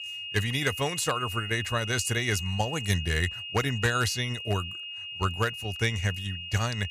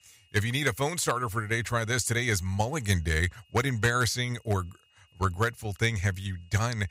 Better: second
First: high-pitched whine; loud; throughout; 3 kHz, 6 dB below the speech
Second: high-pitched whine; faint; throughout; 3 kHz, 35 dB below the speech

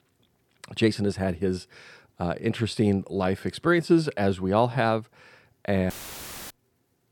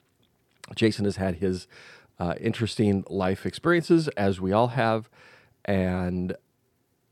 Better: second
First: audio cutting out; filled with static; at 6 s for 0.5 s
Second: none

